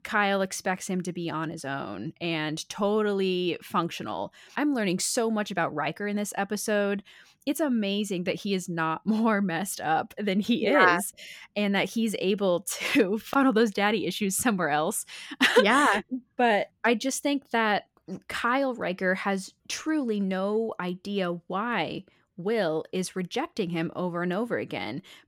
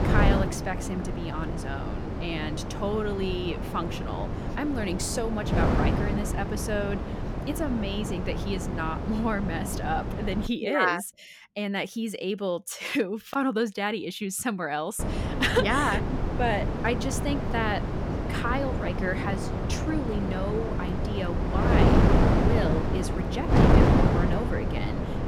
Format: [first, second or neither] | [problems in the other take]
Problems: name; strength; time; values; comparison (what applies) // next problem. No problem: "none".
first | wind noise on the microphone; heavy; until 10 s and from 15 s on; 2 dB below the speech